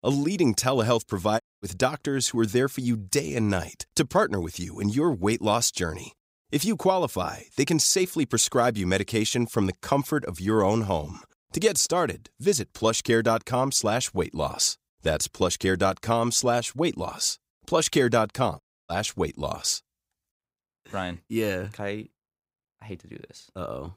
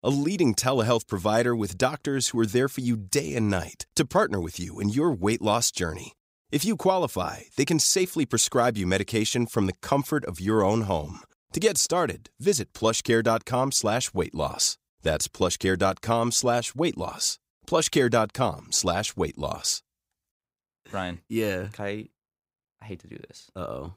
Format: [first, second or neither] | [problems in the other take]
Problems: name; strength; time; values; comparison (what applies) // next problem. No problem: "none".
second | audio cutting out; at 1.5 s and at 19 s